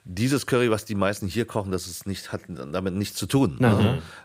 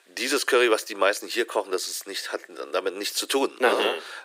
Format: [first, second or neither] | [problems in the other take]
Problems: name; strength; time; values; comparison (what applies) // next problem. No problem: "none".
first | thin; very; fading below 350 Hz